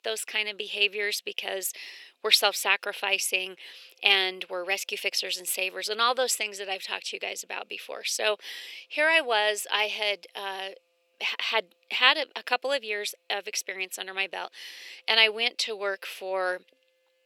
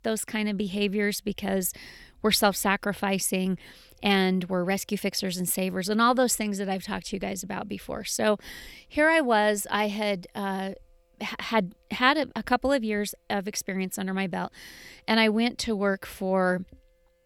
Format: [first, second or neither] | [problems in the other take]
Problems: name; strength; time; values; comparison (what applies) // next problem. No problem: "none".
second | thin; very; fading below 400 Hz